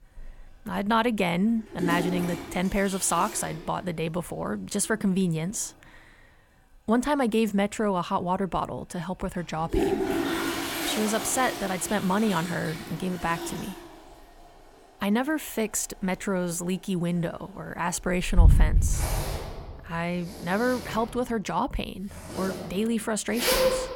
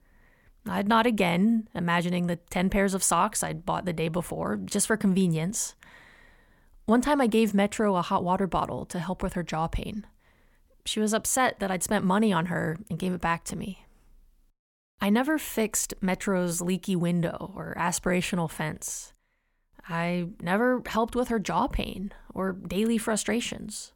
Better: second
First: household noises; loud; throughout; 1 dB below the speech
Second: none

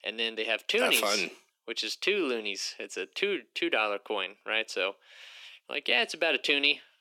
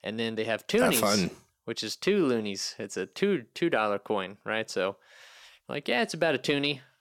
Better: second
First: thin; somewhat; fading below 300 Hz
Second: none

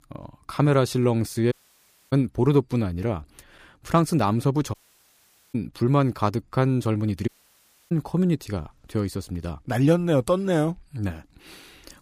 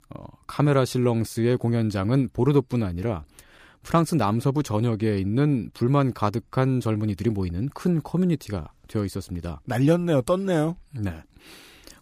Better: second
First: audio cutting out; at 1.5 s for 0.5 s, at 4.5 s for 1 s and at 7.5 s for 0.5 s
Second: none

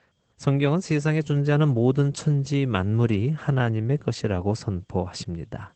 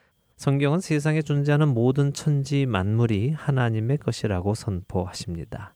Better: second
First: garbled, watery; badly; nothing above 8 kHz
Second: none

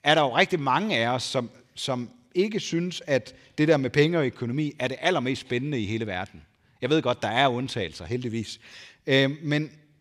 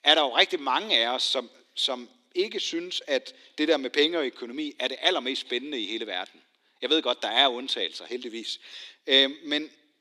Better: first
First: none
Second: thin; very slightly; fading below 250 Hz

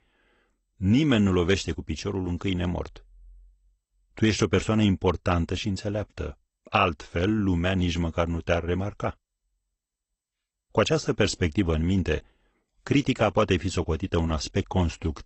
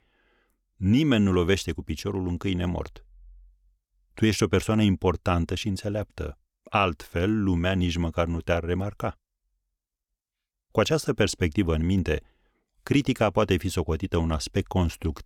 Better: second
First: garbled, watery; slightly; nothing above 8 kHz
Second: none

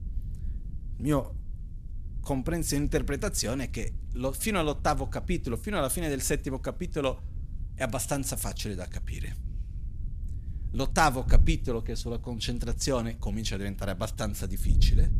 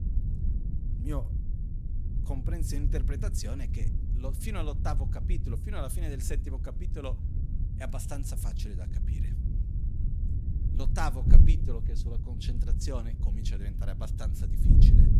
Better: first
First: wind noise on the microphone; occasional gusts; 20 dB below the speech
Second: wind noise on the microphone; heavy; 4 dB below the speech

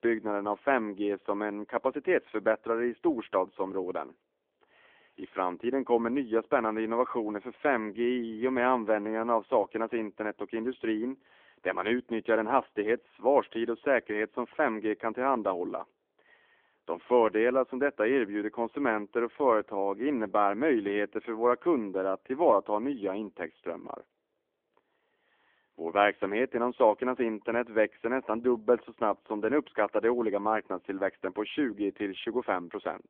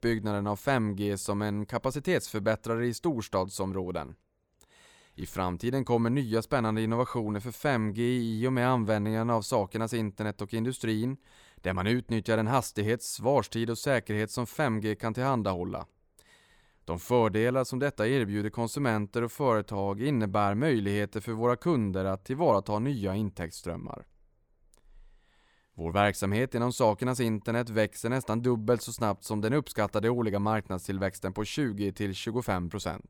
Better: second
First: phone-call audio; nothing above 3.5 kHz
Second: none

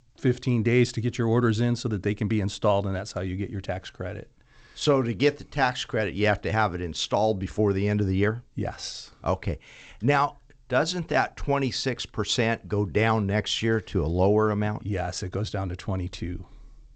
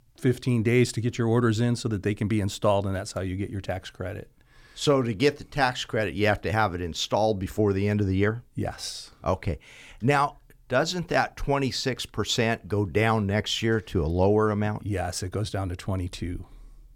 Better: second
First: garbled, watery; slightly; nothing above 8 kHz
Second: none

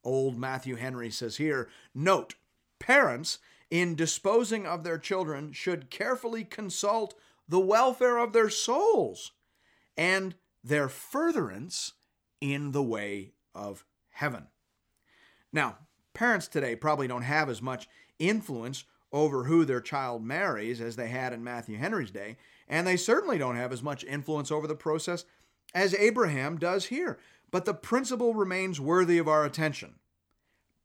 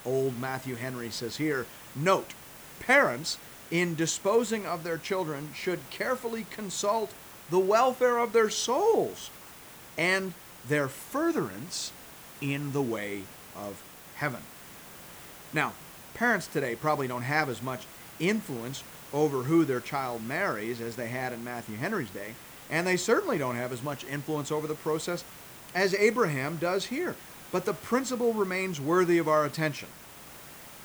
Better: first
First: none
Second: hiss; noticeable; throughout; 15 dB below the speech

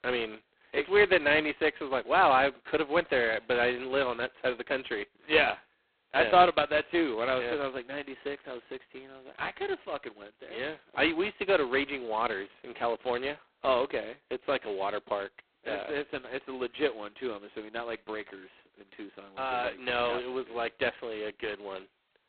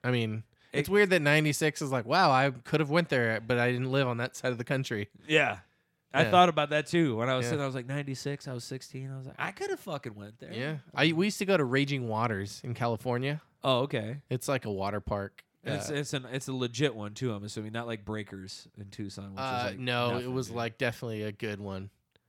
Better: second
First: phone-call audio; poor line; nothing above 4 kHz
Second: none

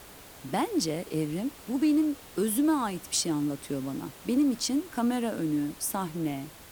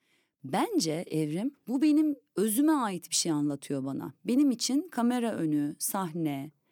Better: second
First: hiss; noticeable; throughout; 20 dB below the speech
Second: none

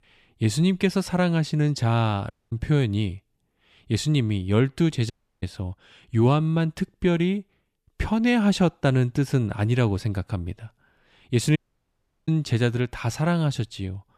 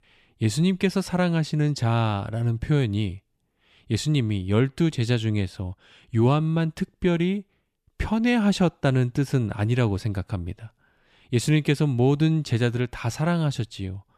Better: second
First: audio cutting out; at 2.5 s, at 5 s and at 12 s for 0.5 s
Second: none

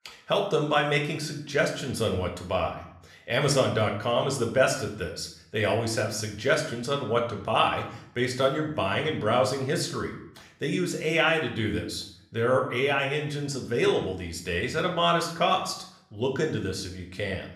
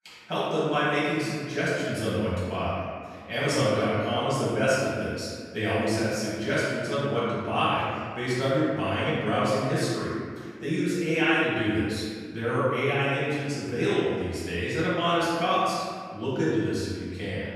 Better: first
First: room echo; slight; dies away in 0.6 s // off-mic speech; somewhat distant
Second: room echo; strong; dies away in 1.8 s // off-mic speech; far

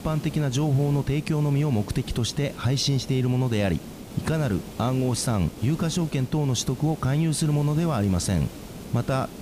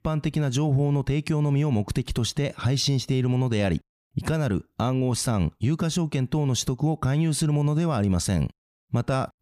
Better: second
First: hiss; noticeable; throughout; 15 dB below the speech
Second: none

